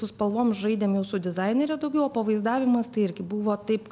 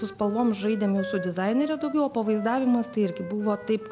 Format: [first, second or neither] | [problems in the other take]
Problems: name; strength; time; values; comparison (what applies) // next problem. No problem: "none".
first | background sound (Wind instrument, woodwind instrument); 14 dB below the speech